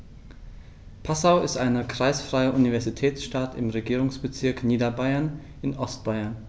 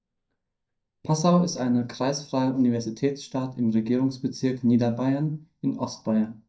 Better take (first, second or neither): first